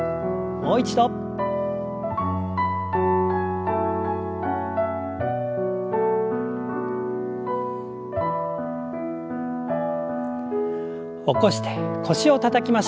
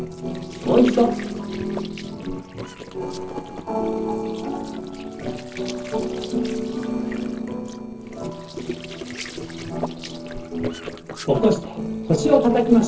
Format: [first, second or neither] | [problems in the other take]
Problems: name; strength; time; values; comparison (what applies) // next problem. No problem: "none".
first | noise reduction (neural separator model SepFormer DNS4)